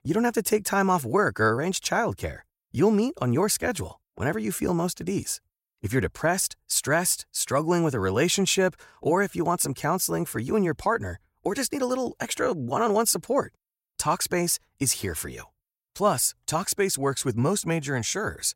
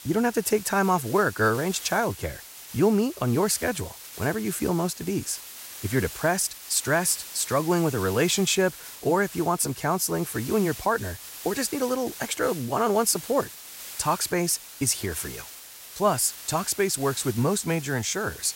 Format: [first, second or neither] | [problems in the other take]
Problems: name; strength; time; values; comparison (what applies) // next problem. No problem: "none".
first | hiss; noticeable; throughout; 15 dB below the speech